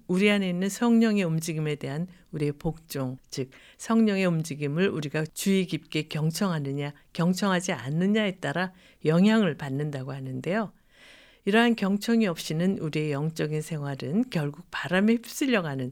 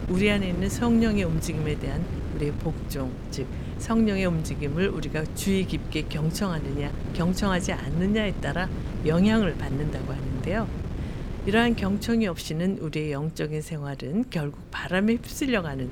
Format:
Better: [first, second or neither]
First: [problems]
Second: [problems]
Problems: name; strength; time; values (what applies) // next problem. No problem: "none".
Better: first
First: none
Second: wind noise on the microphone; occasional gusts; 10 dB below the speech